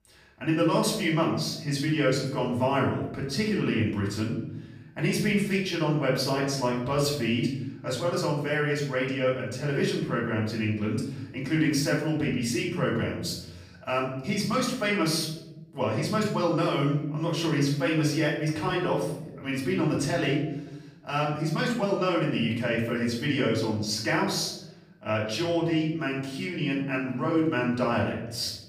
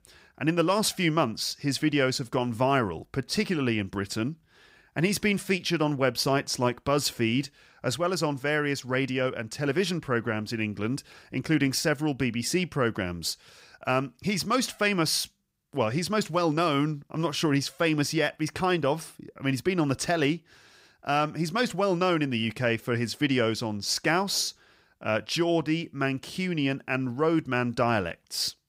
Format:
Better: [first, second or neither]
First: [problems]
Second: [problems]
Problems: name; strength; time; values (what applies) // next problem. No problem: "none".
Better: second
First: off-mic speech; far // room echo; noticeable; dies away in 0.9 s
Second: none